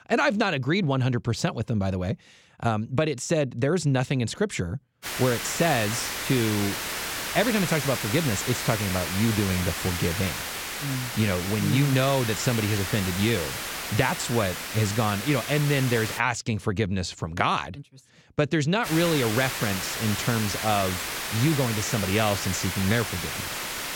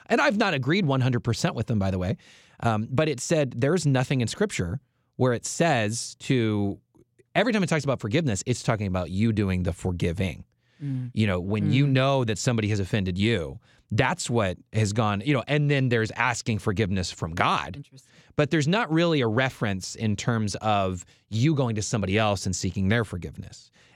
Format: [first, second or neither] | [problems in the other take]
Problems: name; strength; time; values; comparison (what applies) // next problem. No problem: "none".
second | hiss; loud; from 5 to 16 s and from 19 s on; 4 dB below the speech